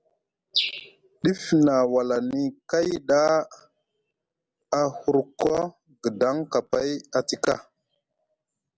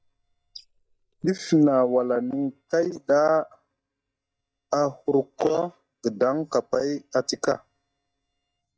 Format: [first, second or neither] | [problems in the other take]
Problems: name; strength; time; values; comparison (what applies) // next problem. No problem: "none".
first | noise reduction (neural mask model DeepFilterNet 3)